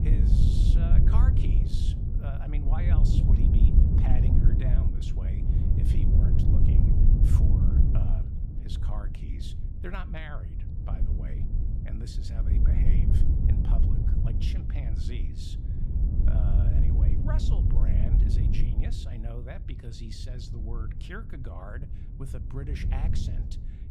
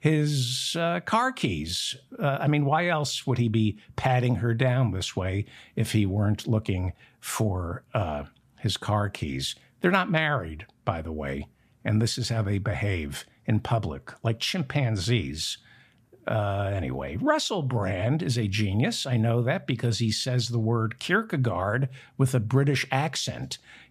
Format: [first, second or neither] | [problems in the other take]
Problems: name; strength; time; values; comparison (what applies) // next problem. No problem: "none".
second | wind noise on the microphone; heavy; 4 dB above the speech